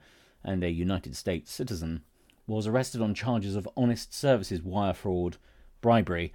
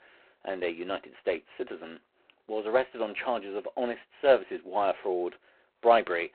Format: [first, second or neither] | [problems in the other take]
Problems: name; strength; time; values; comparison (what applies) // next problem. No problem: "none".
first | phone-call audio; poor line; nothing above 4 kHz